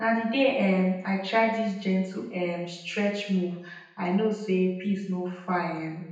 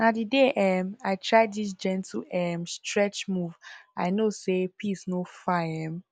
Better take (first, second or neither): second